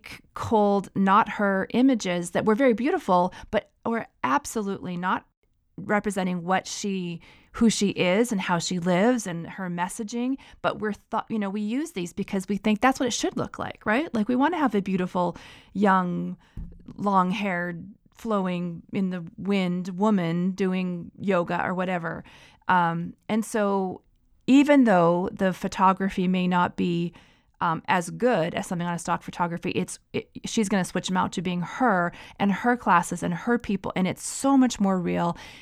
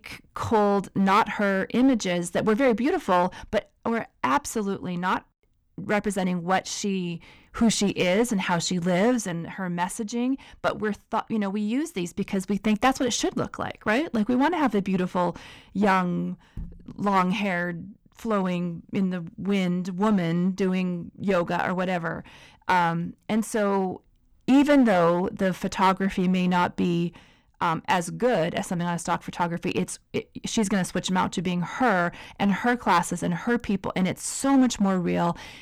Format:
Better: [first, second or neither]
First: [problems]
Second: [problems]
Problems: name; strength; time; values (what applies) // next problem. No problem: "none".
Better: first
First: none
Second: distortion; slight; 5% of the sound clipped